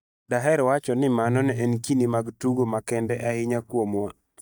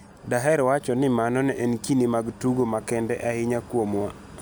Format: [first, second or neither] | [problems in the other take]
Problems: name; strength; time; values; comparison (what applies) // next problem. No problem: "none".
second | noise reduction (neural mask model DeepFilterNet 3)